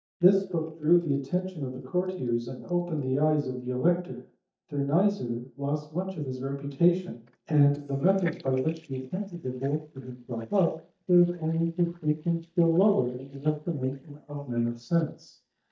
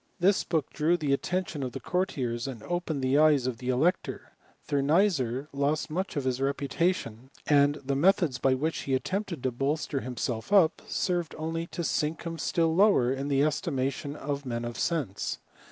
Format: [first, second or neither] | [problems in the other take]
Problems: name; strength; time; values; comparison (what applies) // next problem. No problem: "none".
second | noise reduction (neural mask model DeepFilterNet 3)